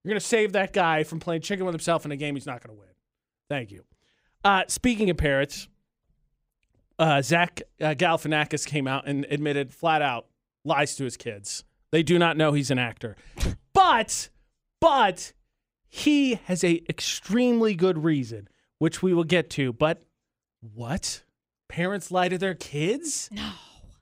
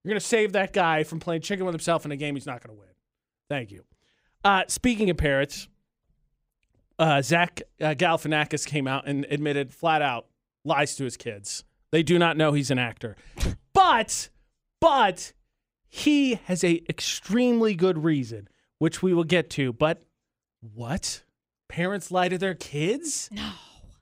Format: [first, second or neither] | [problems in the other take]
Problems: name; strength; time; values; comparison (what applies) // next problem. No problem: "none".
neither | none